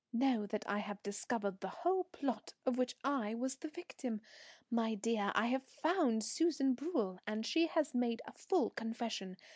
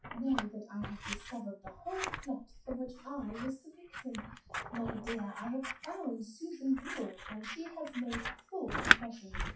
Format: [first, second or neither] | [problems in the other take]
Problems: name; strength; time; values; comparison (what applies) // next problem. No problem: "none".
first | noise reduction (classical method WPE with log-MMSE)